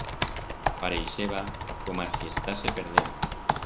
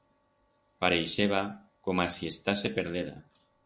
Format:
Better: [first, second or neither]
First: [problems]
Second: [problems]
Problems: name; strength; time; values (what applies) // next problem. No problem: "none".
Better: second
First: background sound (Computer keyboard); 5 dB above the speech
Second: none